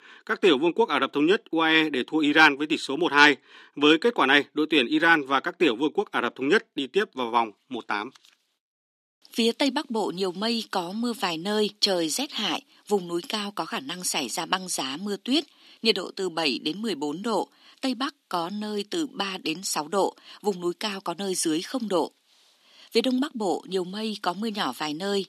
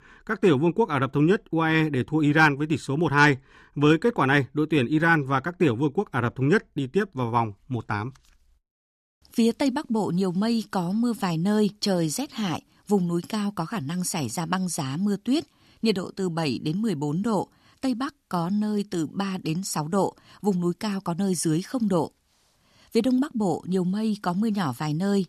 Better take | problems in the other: second | thin; very slightly; fading below 250 Hz

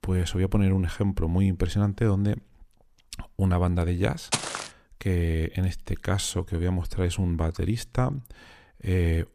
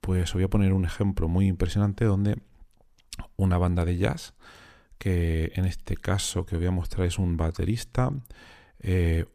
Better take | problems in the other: second | footsteps; noticeable; at 4.5 s; peak 1 dB below the speech

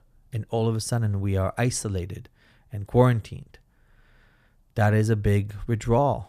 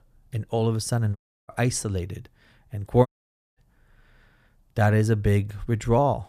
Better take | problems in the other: first | audio cutting out; at 1 s and at 3 s for 0.5 s

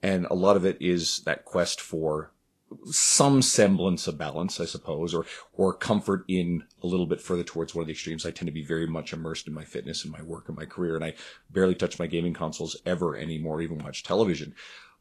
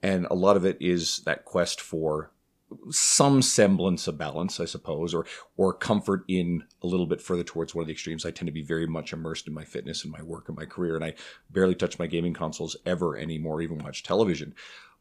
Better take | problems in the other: second | garbled, watery; slightly

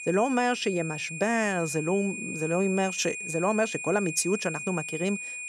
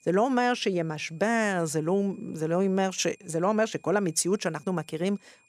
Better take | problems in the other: second | high-pitched whine; loud; throughout; 2.5 kHz, 7 dB below the speech; faint in the second

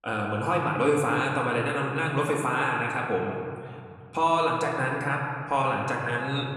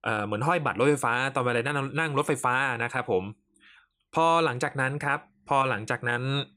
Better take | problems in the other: second | room echo; noticeable; dies away in 2.2 s // off-mic speech; somewhat distant

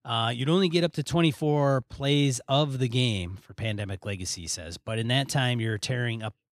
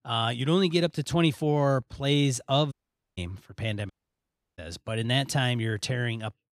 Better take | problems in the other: first | audio cutting out; at 2.5 s and at 4 s for 0.5 s

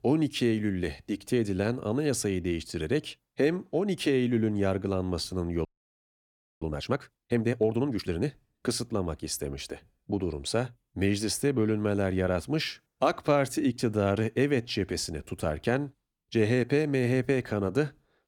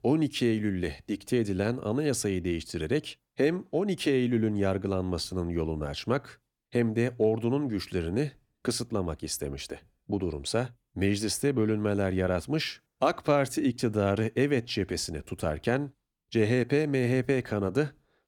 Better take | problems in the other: second | audio freezing; at 5.5 s for 1 s

